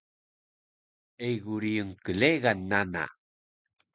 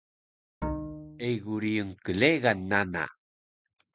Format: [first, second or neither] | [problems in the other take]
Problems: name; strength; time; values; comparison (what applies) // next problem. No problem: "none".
first | background sound (Bowed string instrument); 8 dB below the speech